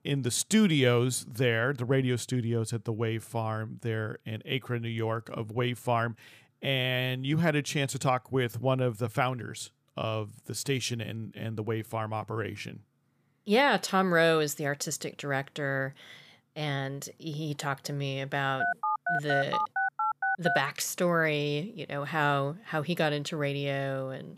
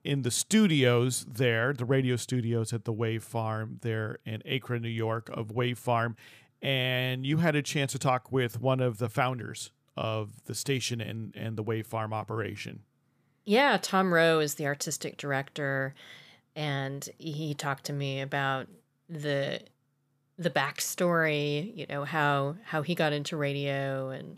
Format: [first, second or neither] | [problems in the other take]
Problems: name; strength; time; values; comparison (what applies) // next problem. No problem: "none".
second | phone ringing; loud; from 19 to 21 s; peak 1 dB above the speech